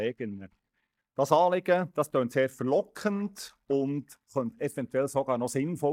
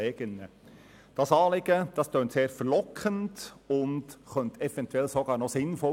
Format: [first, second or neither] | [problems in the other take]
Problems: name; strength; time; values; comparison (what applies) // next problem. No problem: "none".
second | noise reduction (neural mask model DeepFilterNet 3)